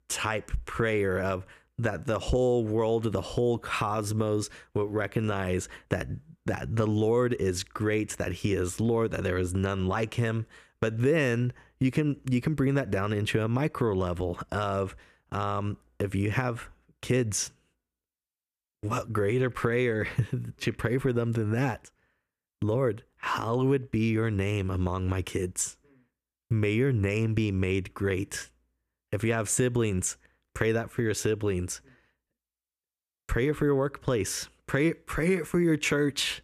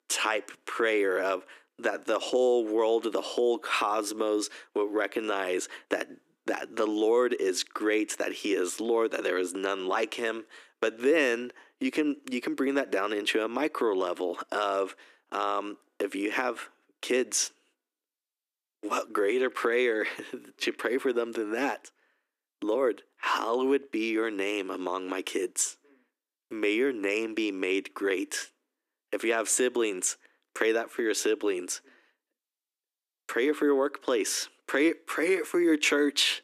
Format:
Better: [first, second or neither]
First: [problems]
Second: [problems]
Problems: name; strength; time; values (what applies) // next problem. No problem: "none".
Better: first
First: none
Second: thin; somewhat; fading below 300 Hz